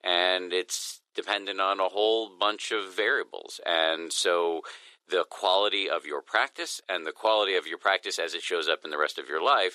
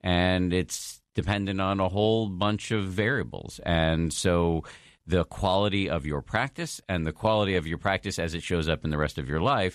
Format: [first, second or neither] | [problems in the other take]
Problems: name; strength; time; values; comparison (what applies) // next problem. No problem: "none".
second | thin; very; fading below 350 Hz